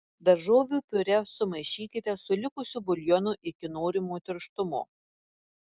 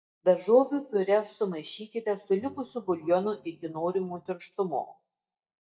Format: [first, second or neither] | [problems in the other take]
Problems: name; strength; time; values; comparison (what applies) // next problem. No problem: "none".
first | noise reduction (neural mask model DeepFilterNet 3)